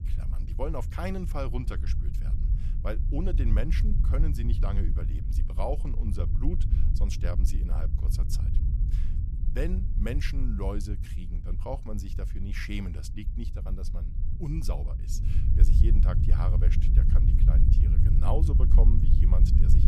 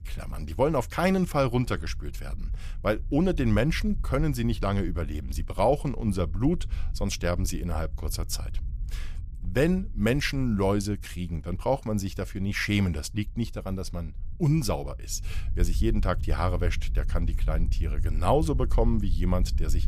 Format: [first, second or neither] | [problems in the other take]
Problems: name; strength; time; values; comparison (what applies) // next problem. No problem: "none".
second | low rumble; loud; throughout; 6 dB below the speech; faint in the second